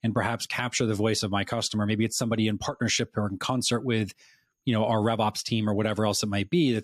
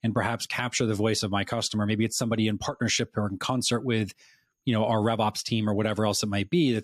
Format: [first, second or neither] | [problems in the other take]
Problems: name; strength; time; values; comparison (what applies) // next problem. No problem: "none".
neither | none